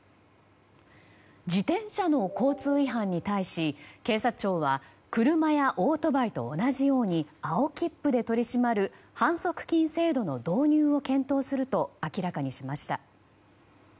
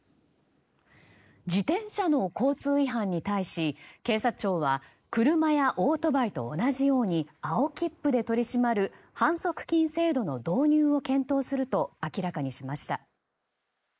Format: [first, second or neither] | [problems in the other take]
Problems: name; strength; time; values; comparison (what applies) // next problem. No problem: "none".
first | noise reduction (neural mask model Resemble Enhance denoiser)